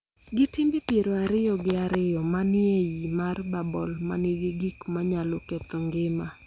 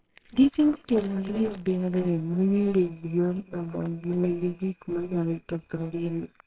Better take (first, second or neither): first